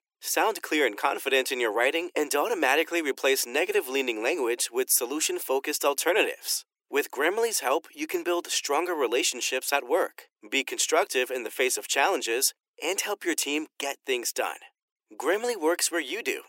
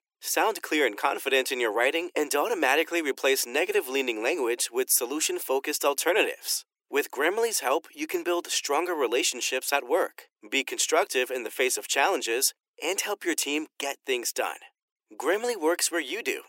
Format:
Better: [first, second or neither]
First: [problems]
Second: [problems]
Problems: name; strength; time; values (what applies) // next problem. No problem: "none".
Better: neither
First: thin; very; fading below 300 Hz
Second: thin; very; fading below 300 Hz